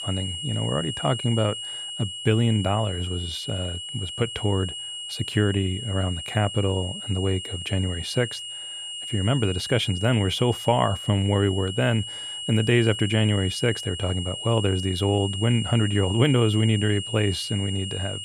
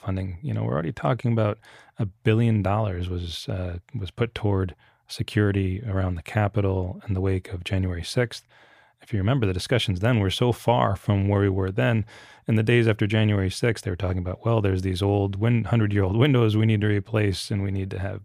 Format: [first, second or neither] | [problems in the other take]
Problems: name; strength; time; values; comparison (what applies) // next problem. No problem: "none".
second | high-pitched whine; loud; throughout; 3 kHz, 7 dB below the speech